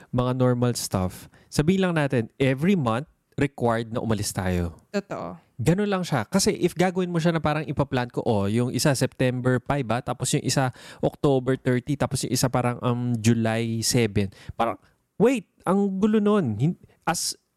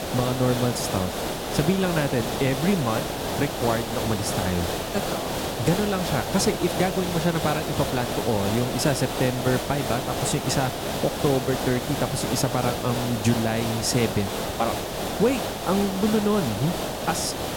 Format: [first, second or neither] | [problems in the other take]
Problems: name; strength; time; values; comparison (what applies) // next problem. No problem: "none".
first | hiss; loud; throughout; 2 dB below the speech